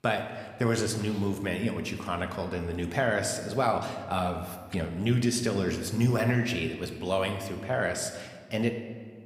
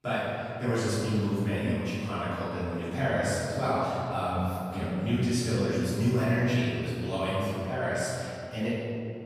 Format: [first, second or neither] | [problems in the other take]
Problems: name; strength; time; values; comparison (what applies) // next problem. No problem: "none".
first | room echo; strong; dies away in 2.5 s; slight in the first // off-mic speech; far